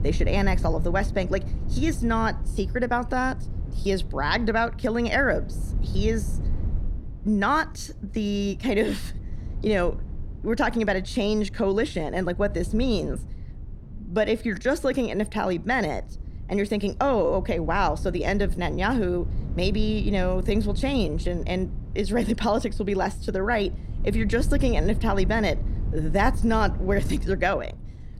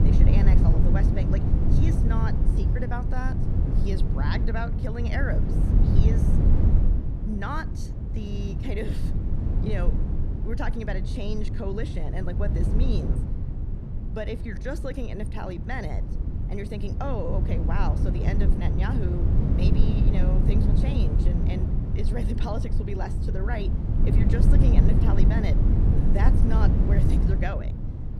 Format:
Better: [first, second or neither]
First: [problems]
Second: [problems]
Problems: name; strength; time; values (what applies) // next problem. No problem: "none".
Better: first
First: low rumble; faint; throughout; 20 dB below the speech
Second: low rumble; loud; throughout; 1 dB below the speech